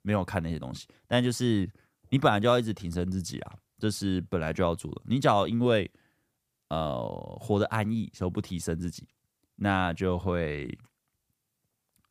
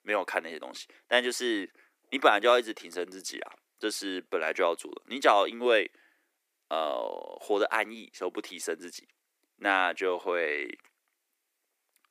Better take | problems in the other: first | thin; very; fading below 300 Hz

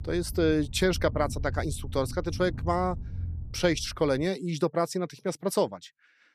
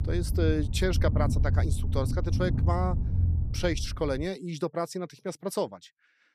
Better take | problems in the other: first | low rumble; loud; until 4.5 s; 10 dB below the speech; faint in the first

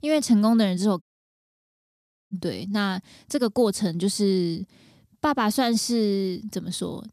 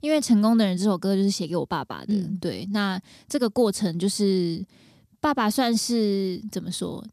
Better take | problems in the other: second | audio cutting out; at 1 s for 1.5 s

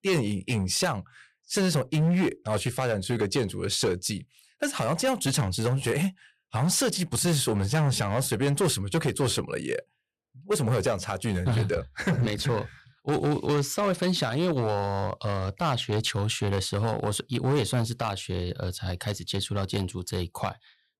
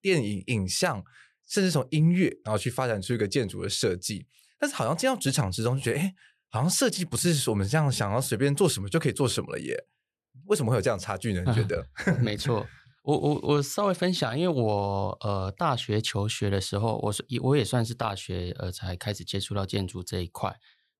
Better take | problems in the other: second | distortion; slight; 9% of the sound clipped

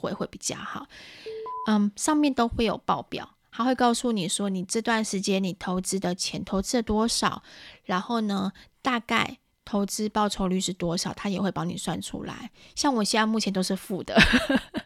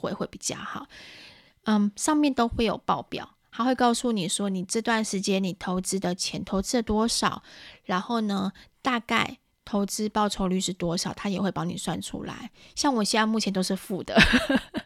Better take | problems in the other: second | alarm; noticeable; at 1.5 s; peak 9 dB below the speech

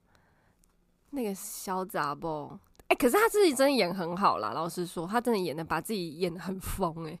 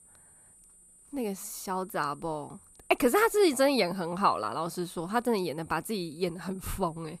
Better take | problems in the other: first | high-pitched whine; faint; throughout; 9 kHz, 25 dB below the speech

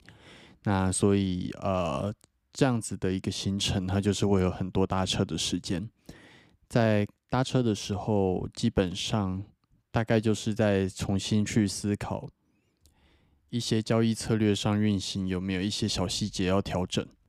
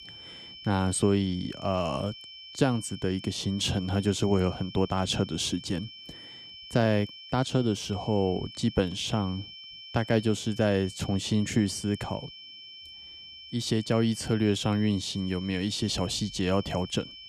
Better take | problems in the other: first | high-pitched whine; noticeable; throughout; 3 kHz, 15 dB below the speech

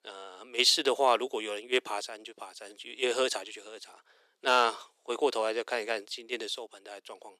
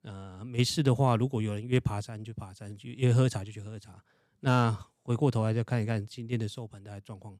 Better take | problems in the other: second | thin; very; fading below 400 Hz

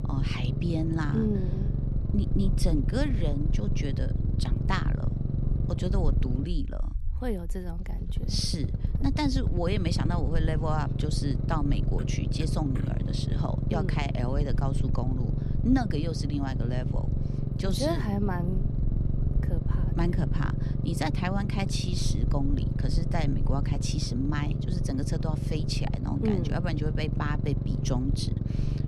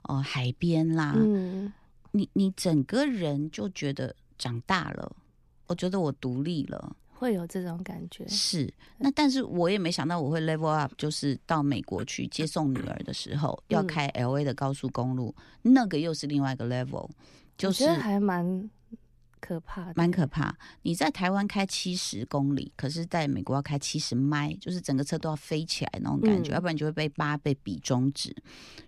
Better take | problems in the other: second | low rumble; loud; throughout; 6 dB below the speech

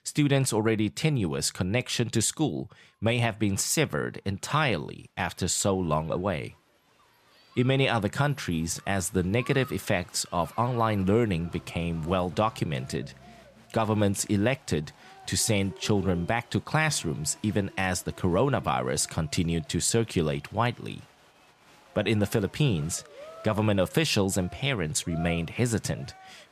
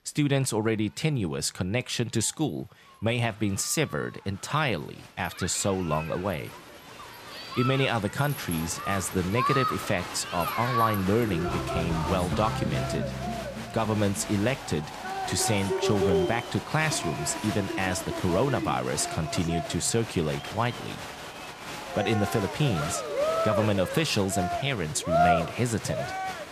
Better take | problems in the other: first | crowd noise; loud; throughout; 4 dB below the speech; faint in the first

